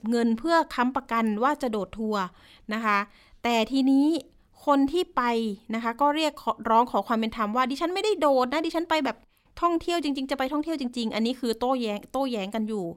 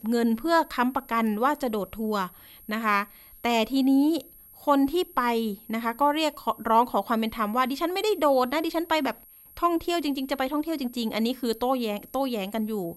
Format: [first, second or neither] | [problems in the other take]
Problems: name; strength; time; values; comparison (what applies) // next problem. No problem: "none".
first | high-pitched whine; faint; throughout; 11.5 kHz, 20 dB below the speech